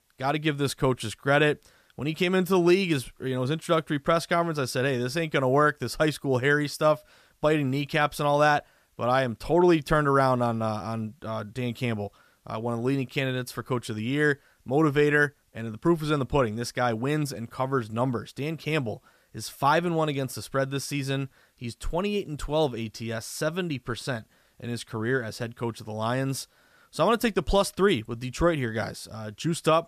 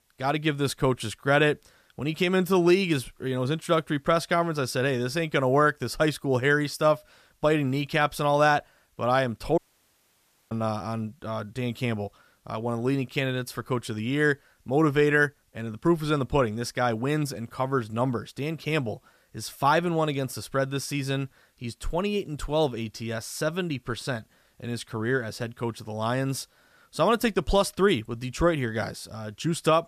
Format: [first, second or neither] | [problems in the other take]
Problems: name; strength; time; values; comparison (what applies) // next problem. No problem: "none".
first | audio cutting out; at 9.5 s for 1 s